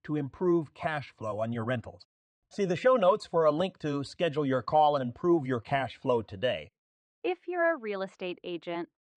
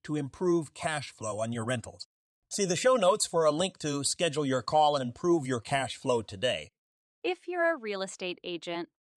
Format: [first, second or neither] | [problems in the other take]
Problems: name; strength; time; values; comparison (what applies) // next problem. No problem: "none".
second | muffled; very; fading above 2.5 kHz